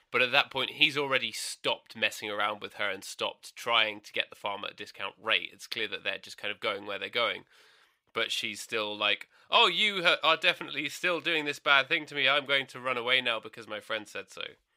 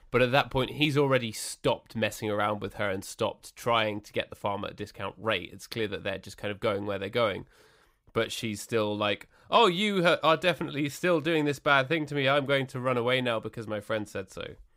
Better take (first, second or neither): second